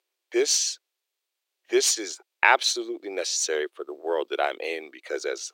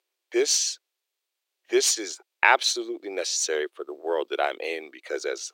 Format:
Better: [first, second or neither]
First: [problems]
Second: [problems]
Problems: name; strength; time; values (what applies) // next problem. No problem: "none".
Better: neither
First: thin; very; fading below 350 Hz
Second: thin; very; fading below 350 Hz